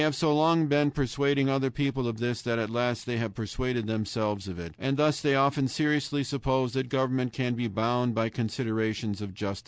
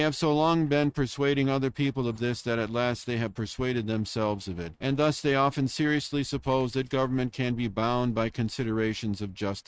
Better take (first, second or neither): first